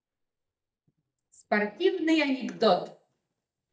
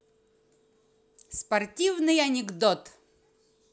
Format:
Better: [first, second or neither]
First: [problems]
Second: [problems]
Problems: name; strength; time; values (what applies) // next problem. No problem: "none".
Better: second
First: noise reduction (neural mask model DeepFilterNet 3)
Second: none